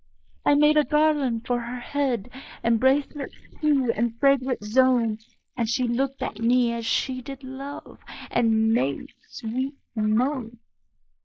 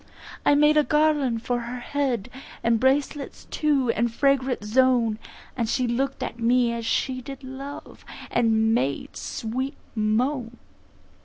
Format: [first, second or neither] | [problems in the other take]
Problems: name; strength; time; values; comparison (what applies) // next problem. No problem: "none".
second | noise reduction (neural mask model Resemble Enhance denoiser)